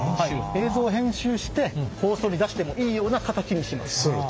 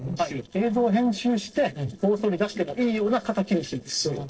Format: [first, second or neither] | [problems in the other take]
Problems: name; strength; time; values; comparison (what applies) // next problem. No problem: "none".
first | noise reduction (neural separator model SepFormer DNS4)